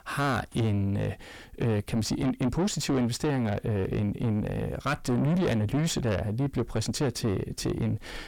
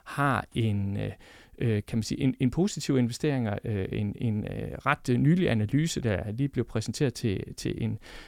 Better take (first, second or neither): second